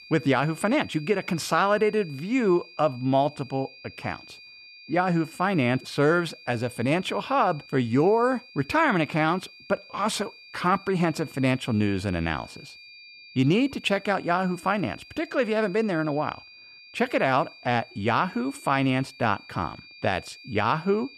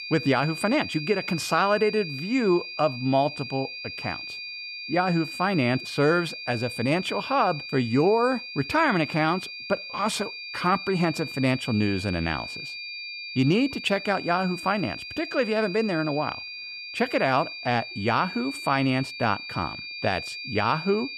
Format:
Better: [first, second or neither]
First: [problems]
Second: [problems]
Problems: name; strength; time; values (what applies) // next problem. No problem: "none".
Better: first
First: high-pitched whine; faint; throughout; 2.5 kHz, 20 dB below the speech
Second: high-pitched whine; loud; throughout; 2.5 kHz, 9 dB below the speech